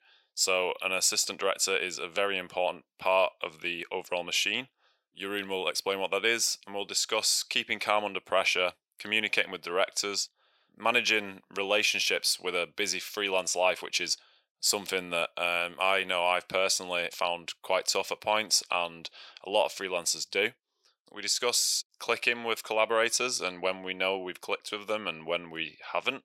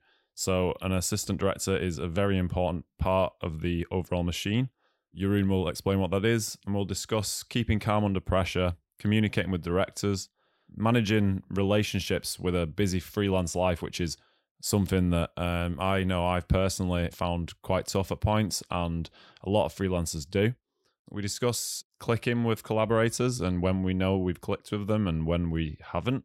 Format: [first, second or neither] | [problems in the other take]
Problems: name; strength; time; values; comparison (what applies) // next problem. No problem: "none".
second | thin; very; fading below 600 Hz